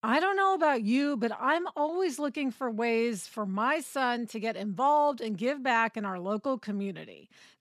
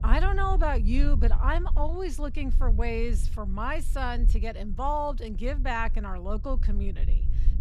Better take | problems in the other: first | low rumble; noticeable; throughout; 20 dB below the speech

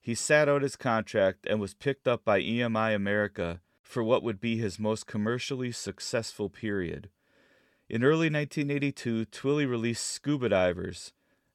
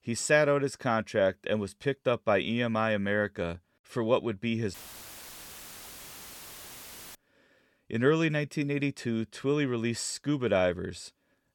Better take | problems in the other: first | audio cutting out; filled with static; at 4.5 s for 2.5 s

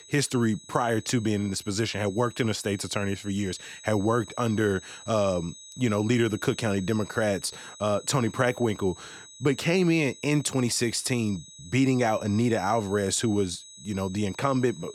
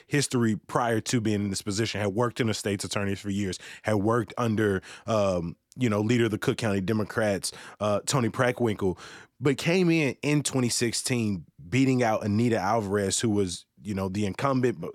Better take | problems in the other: second | high-pitched whine; noticeable; throughout; 4 kHz, 20 dB below the speech

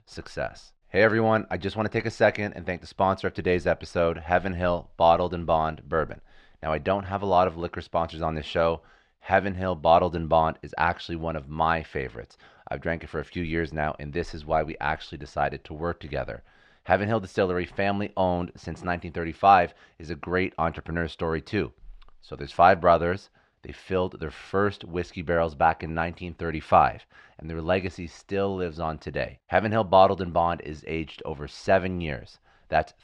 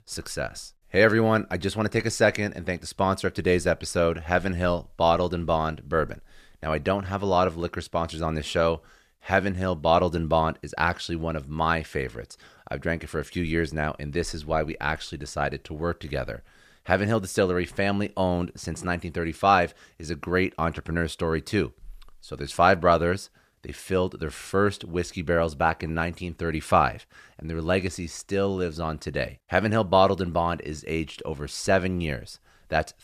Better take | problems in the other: second | muffled; slightly; fading above 3.5 kHz

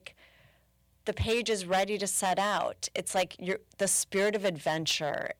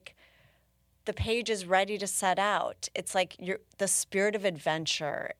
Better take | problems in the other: second | distortion; slight; 5% of the sound clipped

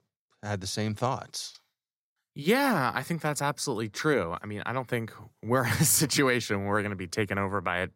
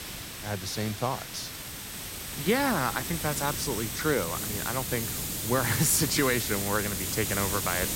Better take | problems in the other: first | hiss; loud; throughout; 3 dB below the speech

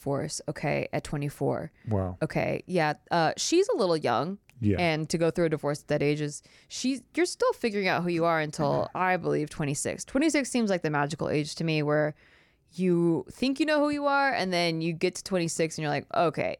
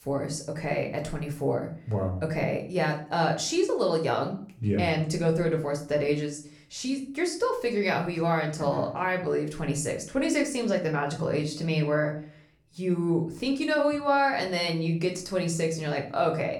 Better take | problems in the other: first | room echo; slight; dies away in 0.4 s // off-mic speech; somewhat distant

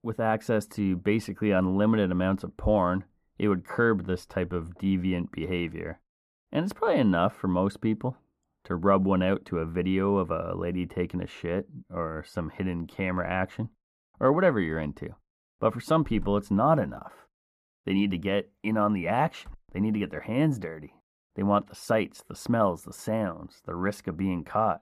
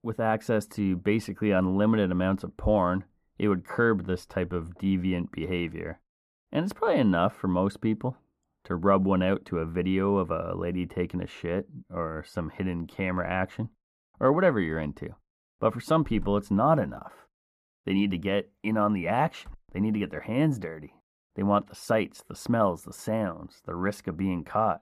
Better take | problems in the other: neither | muffled; very; fading above 2 kHz; the same in both

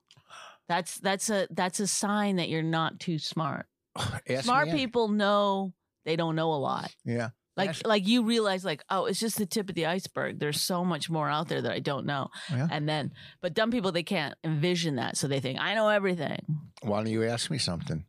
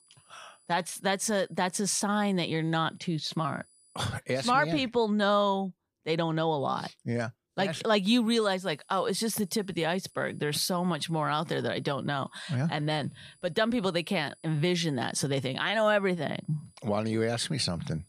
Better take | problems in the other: first | high-pitched whine; faint; until 4 s and from 8.5 s on; 10 kHz, 30 dB below the speech

